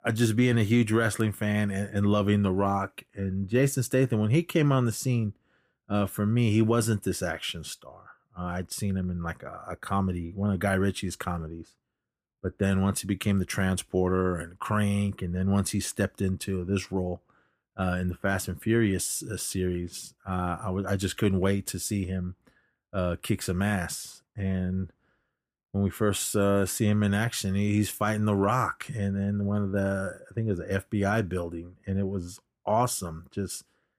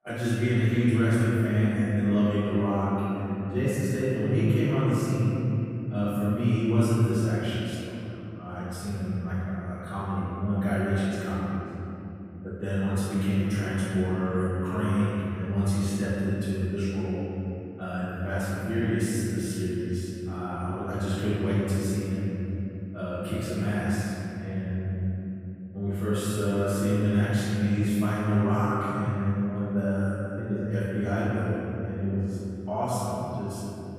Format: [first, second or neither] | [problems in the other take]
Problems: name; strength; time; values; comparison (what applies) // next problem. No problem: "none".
first | off-mic speech; far // room echo; strong; dies away in 3 s